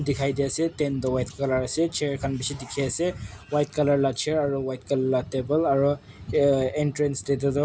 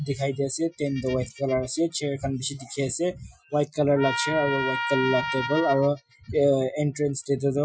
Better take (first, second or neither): first